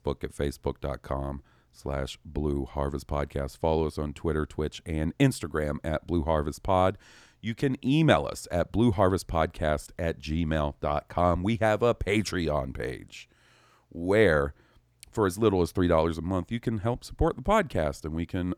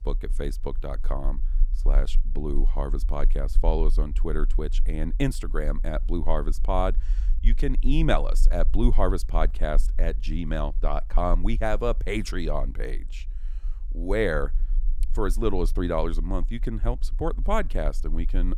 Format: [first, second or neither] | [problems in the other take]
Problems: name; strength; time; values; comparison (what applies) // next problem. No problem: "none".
first | low rumble; faint; throughout; 25 dB below the speech